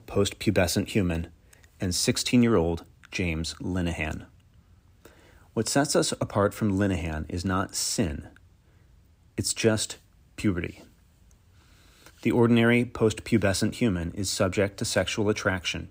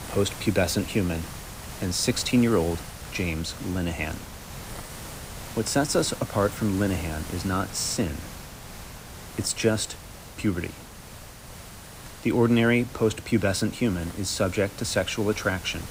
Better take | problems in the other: first | hiss; noticeable; throughout; 15 dB below the speech

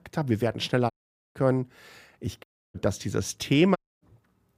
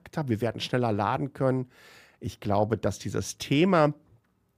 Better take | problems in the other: second | audio cutting out; at 1 s, at 2.5 s and at 4 s

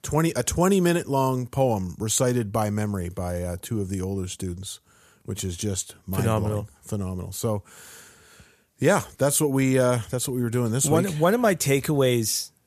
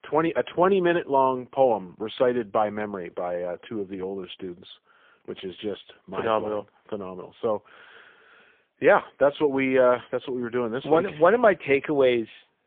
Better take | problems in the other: first | phone-call audio; poor line

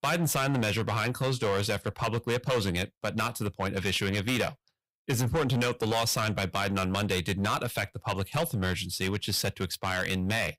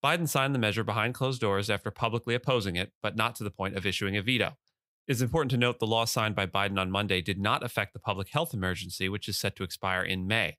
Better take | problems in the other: second | distortion; heavy; 13% of the sound clipped

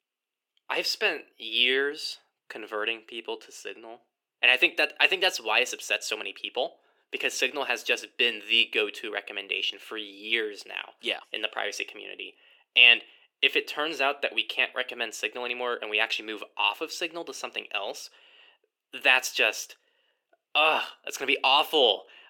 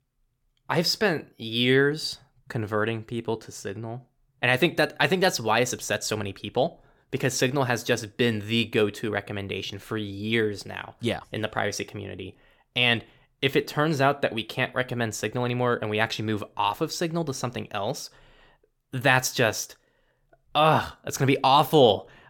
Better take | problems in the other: second | thin; somewhat; fading below 350 Hz

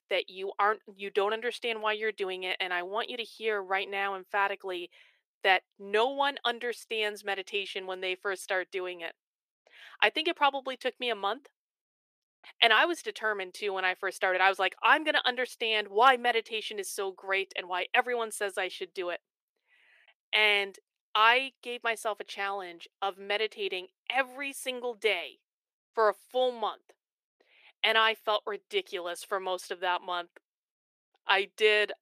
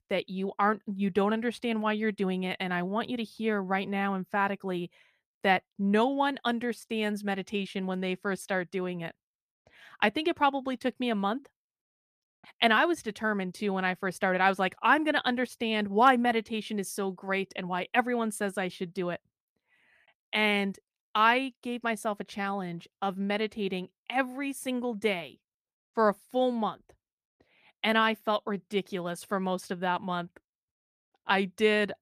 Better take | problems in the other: second | thin; very; fading below 400 Hz

